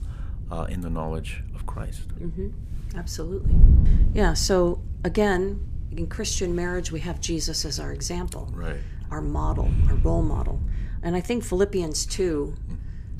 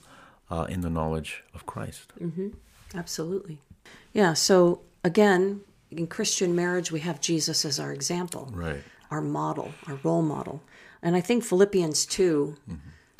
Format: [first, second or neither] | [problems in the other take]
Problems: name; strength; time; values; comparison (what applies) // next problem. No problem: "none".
second | wind noise on the microphone; occasional gusts; 15 dB below the speech